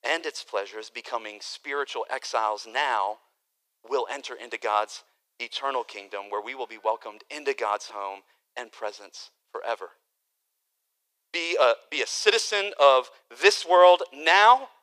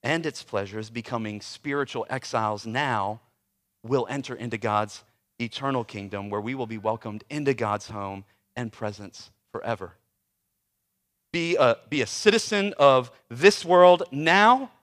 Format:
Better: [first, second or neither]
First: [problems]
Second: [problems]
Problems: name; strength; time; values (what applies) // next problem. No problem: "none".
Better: second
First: thin; very; fading below 400 Hz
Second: none